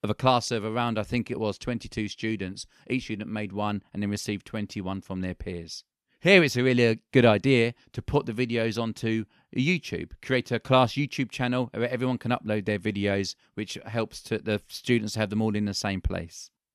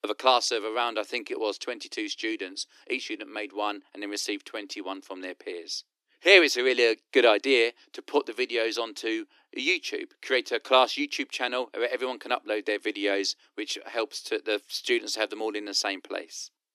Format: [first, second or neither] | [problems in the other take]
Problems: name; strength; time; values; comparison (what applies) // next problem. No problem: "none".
first | thin; somewhat; fading below 300 Hz